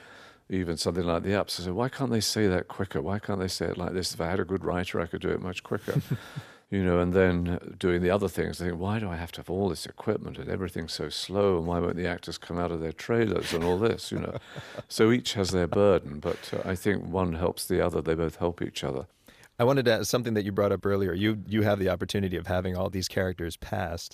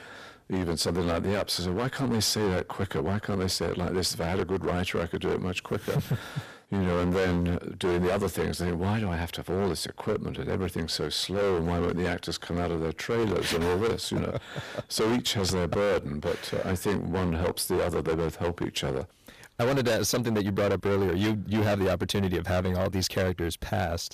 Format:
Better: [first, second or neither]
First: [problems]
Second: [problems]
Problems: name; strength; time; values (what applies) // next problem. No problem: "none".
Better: first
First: none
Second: distortion; heavy; 15% of the sound clipped